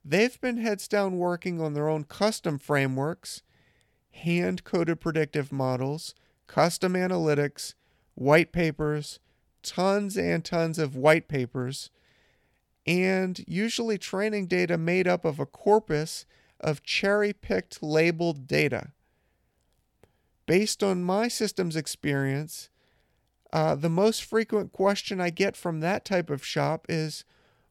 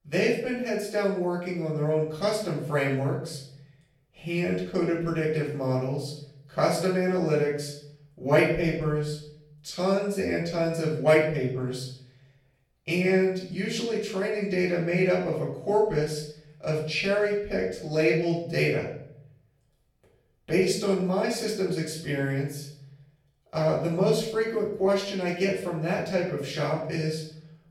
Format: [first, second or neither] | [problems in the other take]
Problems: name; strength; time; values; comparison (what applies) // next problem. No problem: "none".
first | off-mic speech; far // room echo; noticeable; dies away in 0.6 s